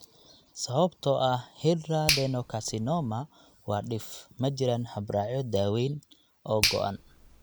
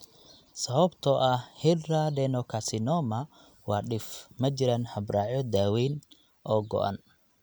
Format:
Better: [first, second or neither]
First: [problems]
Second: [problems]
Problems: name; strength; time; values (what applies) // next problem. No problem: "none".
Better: second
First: background sound (Finger snapping); 8 dB below the speech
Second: none